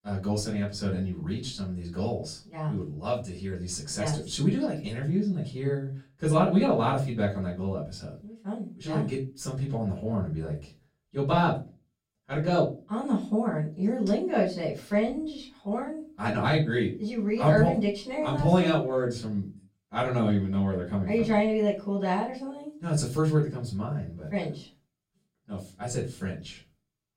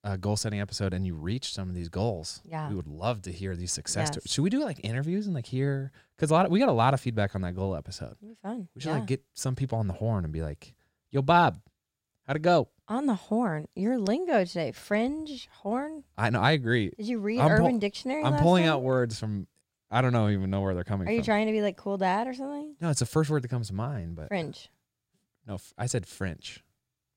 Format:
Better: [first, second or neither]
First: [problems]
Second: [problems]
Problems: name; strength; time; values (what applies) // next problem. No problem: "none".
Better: second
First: off-mic speech; far // room echo; slight; dies away in 0.3 s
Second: none